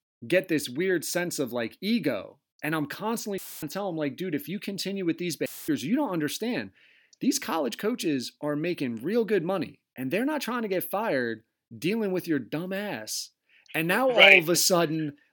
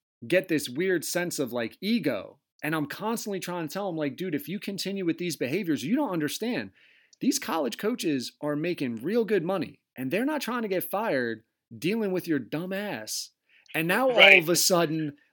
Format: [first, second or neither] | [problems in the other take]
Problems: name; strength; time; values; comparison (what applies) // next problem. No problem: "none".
second | audio cutting out; filled with static; at 3.5 s and at 5.5 s